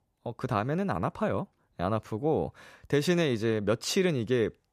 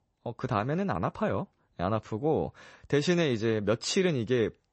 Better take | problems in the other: first | garbled, watery; slightly; nothing above 8 kHz

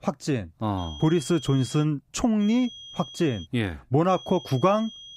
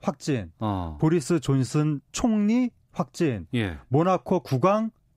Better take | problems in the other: second | high-pitched whine; noticeable; from 1 to 2 s, from 2.5 to 3.5 s and from 4 s on; 3.5 kHz, 15 dB below the speech

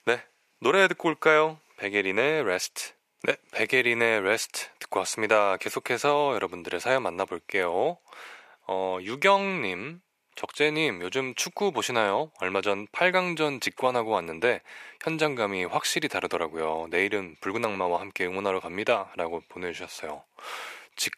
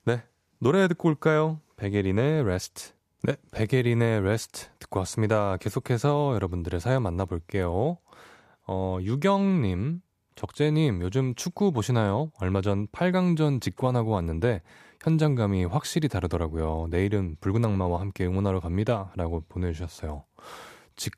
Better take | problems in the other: second | thin; very; fading below 500 Hz

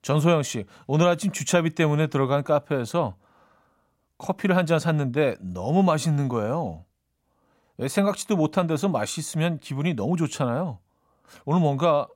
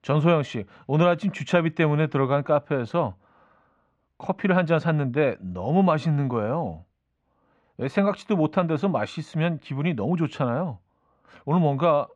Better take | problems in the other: first | muffled; slightly; fading above 2.5 kHz

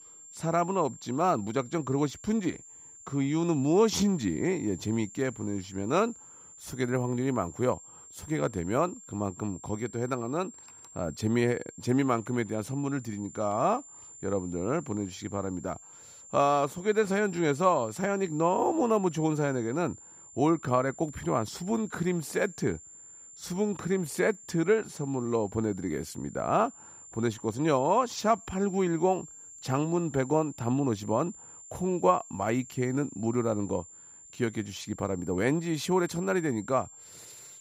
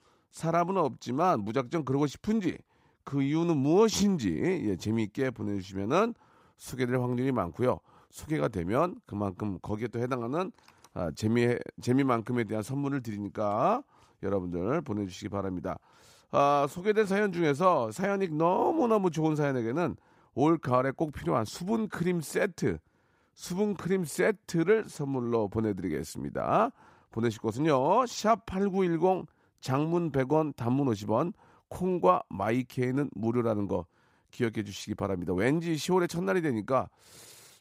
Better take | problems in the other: second | high-pitched whine; noticeable; throughout; 7 kHz, 15 dB below the speech

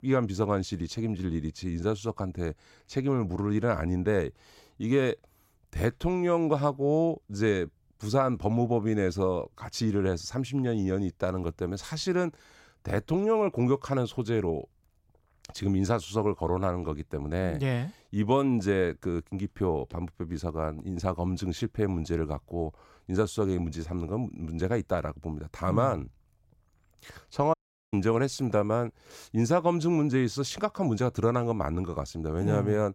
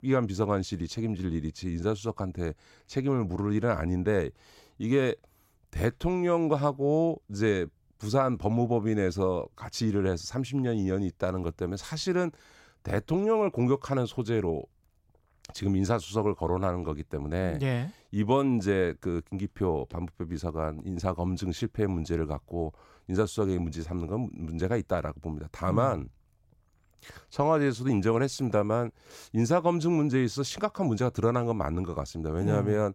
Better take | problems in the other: second | audio cutting out; at 28 s

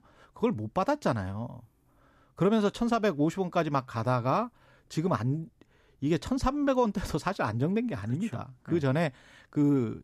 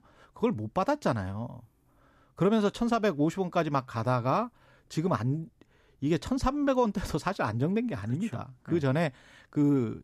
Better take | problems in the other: neither | none

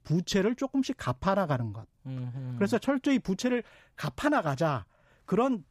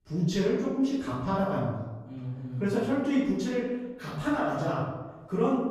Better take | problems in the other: first | off-mic speech; far // room echo; noticeable; dies away in 1 s

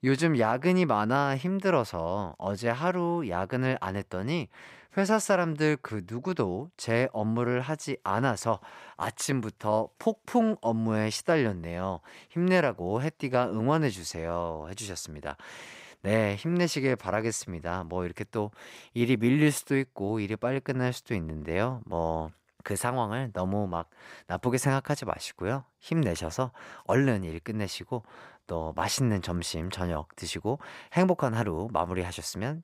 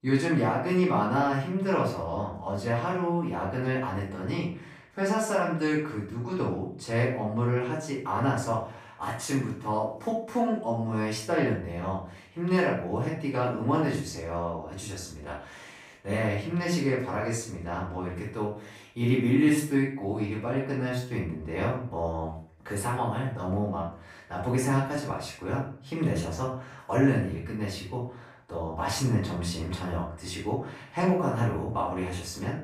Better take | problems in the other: first | off-mic speech; far // room echo; noticeable; dies away in 0.5 s

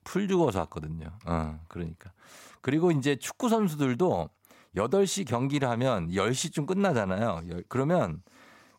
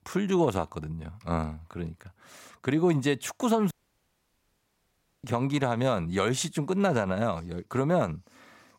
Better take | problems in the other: first | audio cutting out; at 3.5 s for 1.5 s

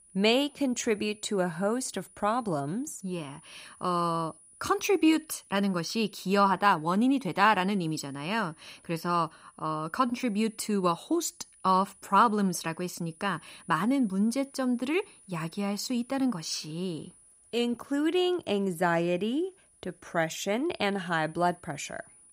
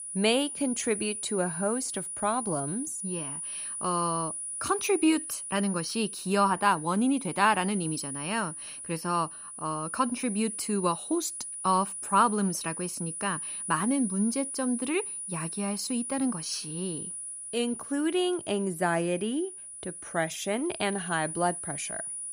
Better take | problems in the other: first | high-pitched whine; loud; throughout; 9.5 kHz, 6 dB below the speech; faint in the first

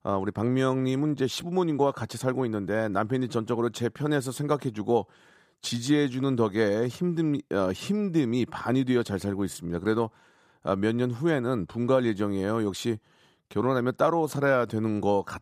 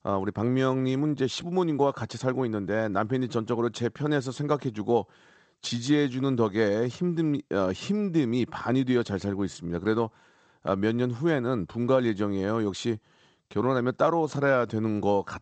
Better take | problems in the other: first | garbled, watery; slightly; nothing above 8 kHz

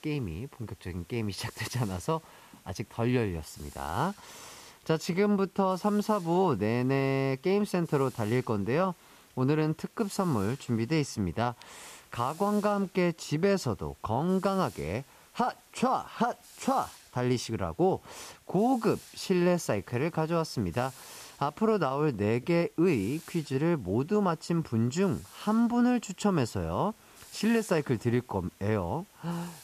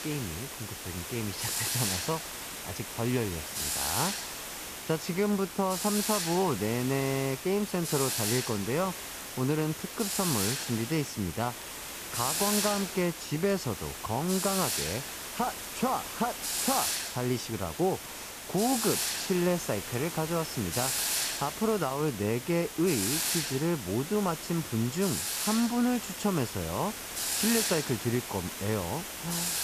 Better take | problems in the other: first | hiss; loud; throughout; 1 dB below the speech; faint in the first

